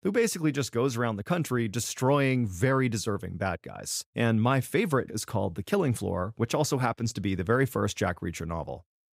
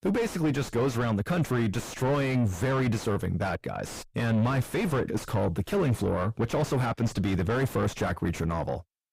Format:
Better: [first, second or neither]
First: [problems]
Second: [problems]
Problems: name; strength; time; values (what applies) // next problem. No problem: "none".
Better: first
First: none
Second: distortion; heavy; 4 dB below the speech